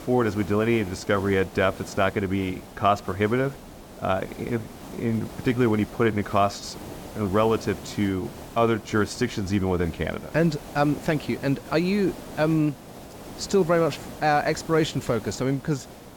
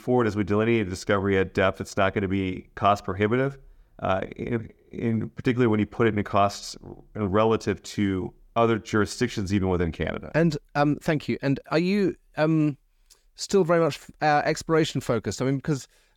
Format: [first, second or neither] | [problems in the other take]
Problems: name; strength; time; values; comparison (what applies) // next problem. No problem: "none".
second | hiss; noticeable; throughout; 15 dB below the speech